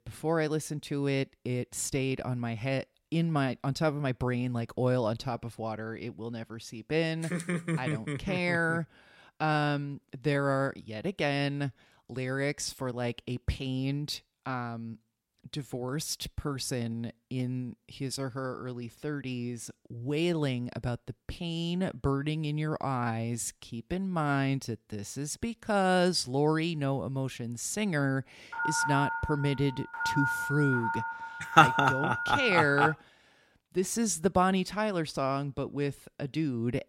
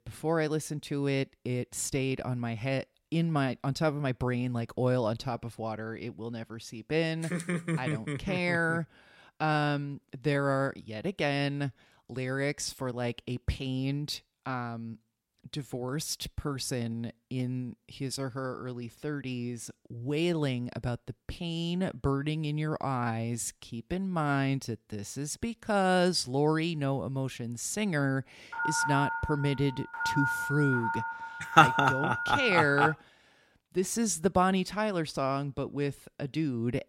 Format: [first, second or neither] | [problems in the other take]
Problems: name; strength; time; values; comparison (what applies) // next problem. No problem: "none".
neither | phone ringing; loud; from 29 to 33 s; peak 1 dB above the speech; the same in both